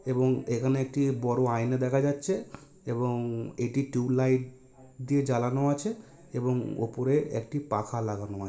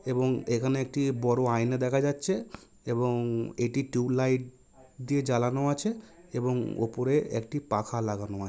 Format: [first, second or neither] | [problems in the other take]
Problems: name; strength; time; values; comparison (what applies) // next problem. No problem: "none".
second | room echo; dies away in 1.8 s